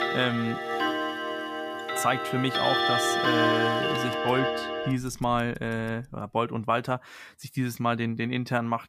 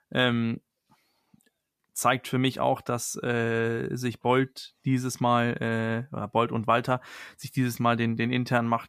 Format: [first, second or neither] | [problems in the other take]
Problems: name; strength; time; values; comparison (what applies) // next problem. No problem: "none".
second | household noises; very loud; until 6 s; 2 dB above the speech